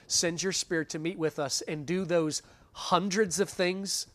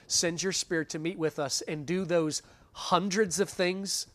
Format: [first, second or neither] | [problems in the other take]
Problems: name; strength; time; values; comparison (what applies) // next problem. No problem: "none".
neither | none